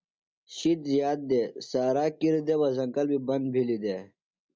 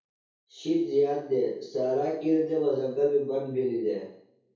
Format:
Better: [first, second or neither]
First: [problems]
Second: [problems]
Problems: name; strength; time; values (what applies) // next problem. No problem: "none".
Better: first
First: none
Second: room echo; dies away in 0.6 s